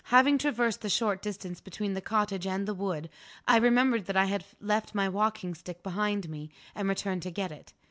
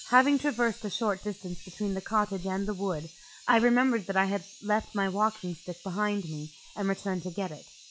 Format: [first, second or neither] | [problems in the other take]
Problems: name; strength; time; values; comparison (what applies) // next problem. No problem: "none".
first | noise reduction (classical method log-MMSE)